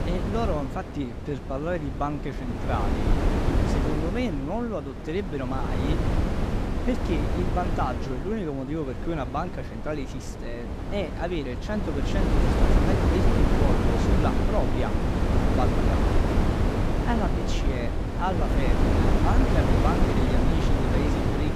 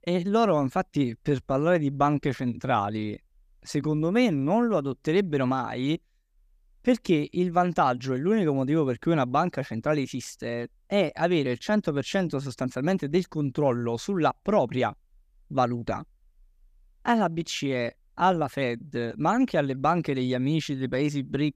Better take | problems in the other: second | wind noise on the microphone; heavy; 1 dB above the speech

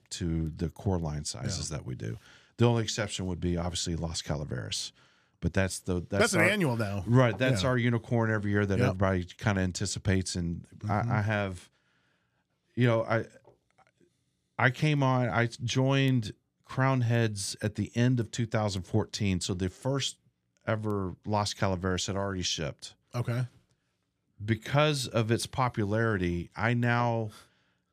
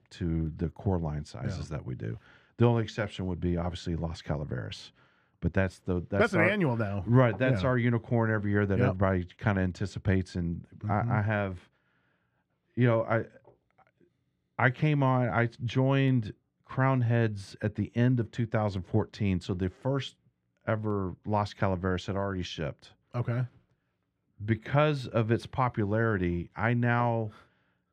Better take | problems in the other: first | muffled; slightly; fading above 4 kHz

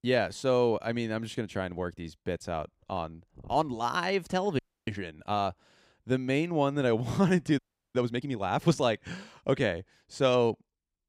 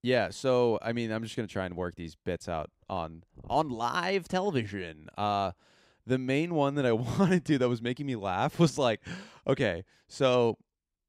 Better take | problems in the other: second | audio freezing; at 4.5 s and at 7.5 s

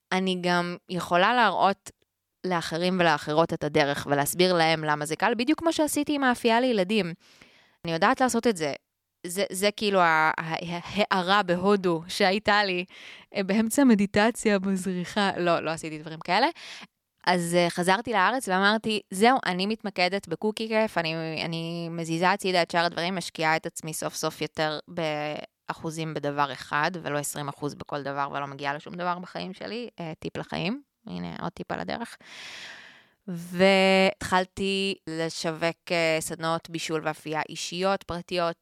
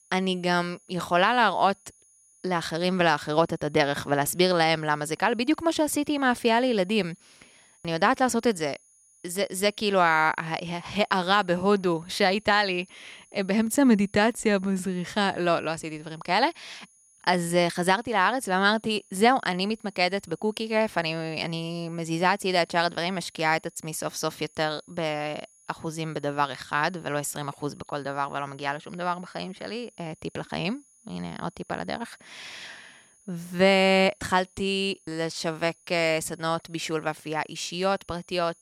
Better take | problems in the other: first | high-pitched whine; faint; throughout; 10.5 kHz, 30 dB below the speech

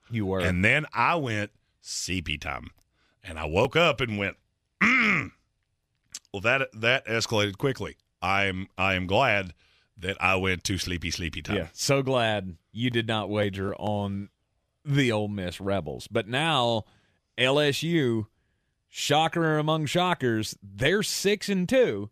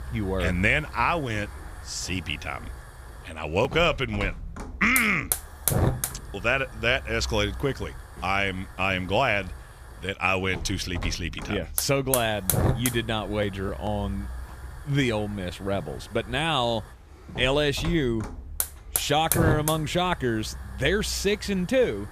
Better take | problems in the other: first | hiss; loud; throughout; 7 dB below the speech

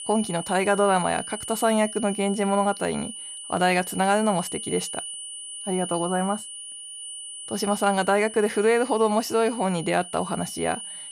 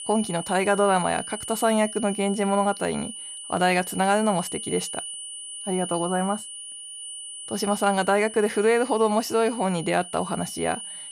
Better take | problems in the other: neither | high-pitched whine; loud; throughout; 9.5 kHz, 10 dB below the speech; the same in both

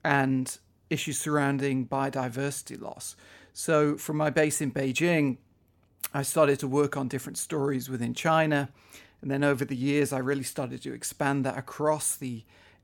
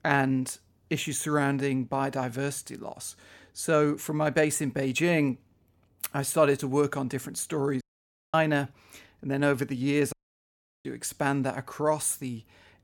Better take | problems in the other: first | audio cutting out; at 8 s for 0.5 s and at 10 s for 0.5 s

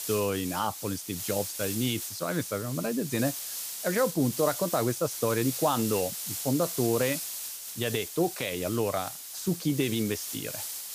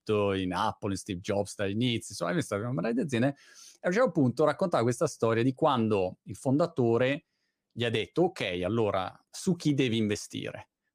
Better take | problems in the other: second | hiss; loud; throughout; 5 dB below the speech

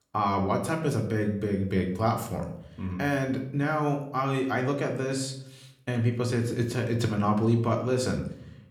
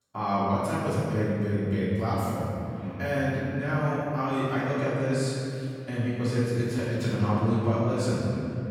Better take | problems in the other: first | room echo; strong; dies away in 3 s; slight in the first // off-mic speech; far; somewhat distant in the first

